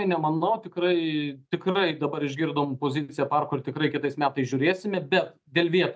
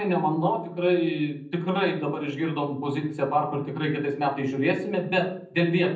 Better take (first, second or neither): first